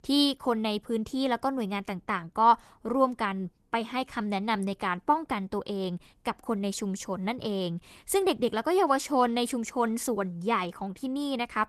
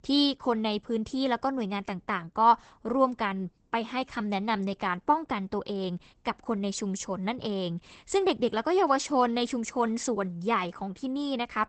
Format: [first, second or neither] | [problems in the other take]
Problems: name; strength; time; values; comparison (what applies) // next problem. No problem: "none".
first | garbled, watery; badly; nothing above 8 kHz; slightly in the first